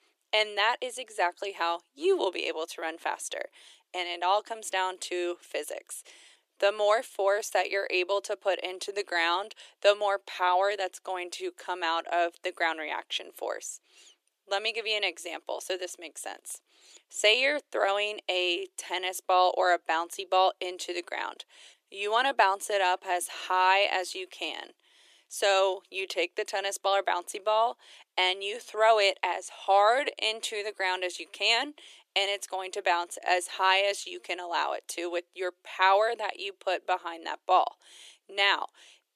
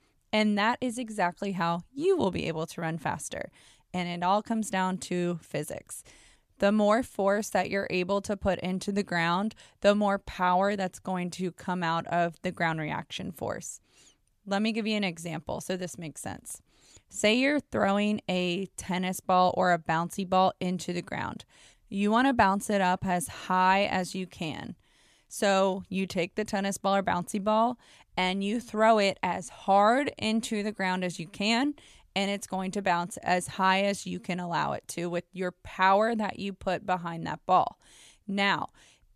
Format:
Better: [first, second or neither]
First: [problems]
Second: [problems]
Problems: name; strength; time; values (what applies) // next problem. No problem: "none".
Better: second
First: thin; very; fading below 350 Hz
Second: none